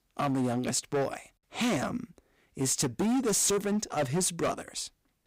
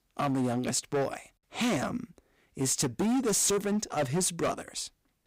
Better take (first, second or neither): neither